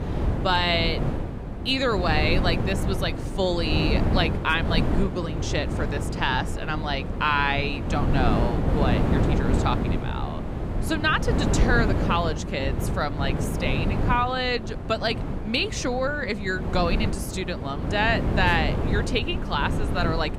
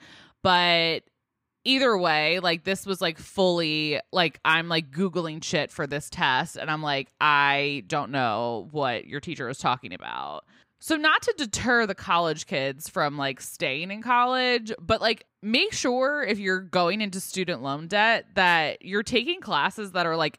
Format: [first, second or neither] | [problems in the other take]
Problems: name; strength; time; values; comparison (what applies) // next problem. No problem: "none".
second | wind noise on the microphone; heavy; 7 dB below the speech